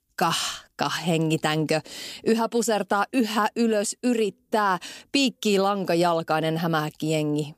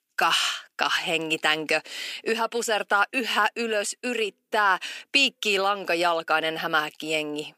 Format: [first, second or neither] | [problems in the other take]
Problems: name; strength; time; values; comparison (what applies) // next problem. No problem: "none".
first | thin; somewhat; fading below 400 Hz